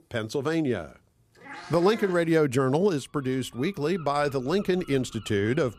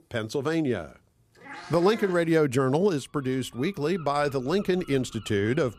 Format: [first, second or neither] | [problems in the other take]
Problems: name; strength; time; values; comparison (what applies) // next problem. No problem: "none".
neither | animal sounds; noticeable; throughout; 20 dB below the speech; the same in both